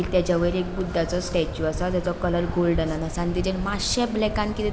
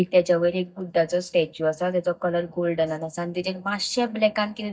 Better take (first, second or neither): first